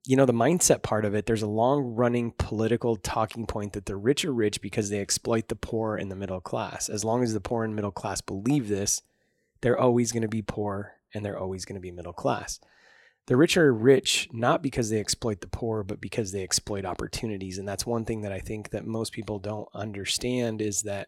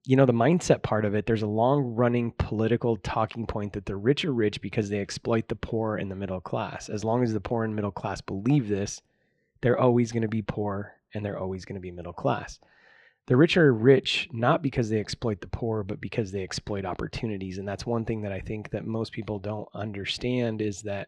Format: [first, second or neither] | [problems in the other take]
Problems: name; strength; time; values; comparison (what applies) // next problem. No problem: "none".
first | muffled; slightly; fading above 3 kHz